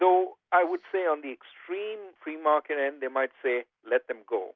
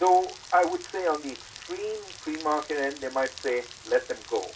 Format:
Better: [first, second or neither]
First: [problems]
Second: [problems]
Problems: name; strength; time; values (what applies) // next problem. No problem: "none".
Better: first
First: none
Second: background sound (Rain); 17 dB below the speech // room echo; dies away in 0.2 s